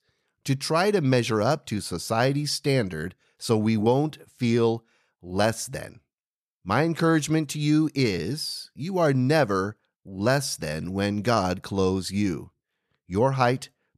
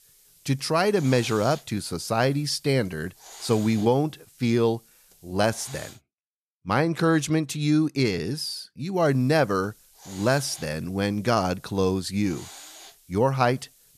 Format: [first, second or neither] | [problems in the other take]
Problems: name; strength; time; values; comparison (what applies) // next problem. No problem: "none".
first | hiss; faint; until 6 s and from 9 s on; 20 dB below the speech